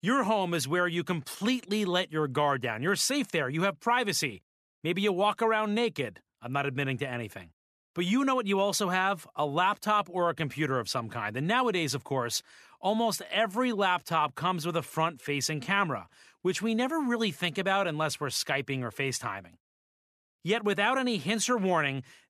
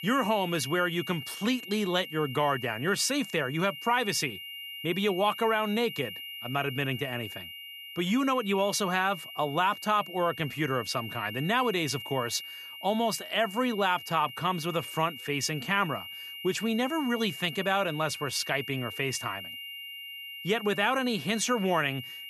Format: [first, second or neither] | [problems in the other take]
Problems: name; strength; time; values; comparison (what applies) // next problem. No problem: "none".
first | high-pitched whine; noticeable; throughout; 3 kHz, 10 dB below the speech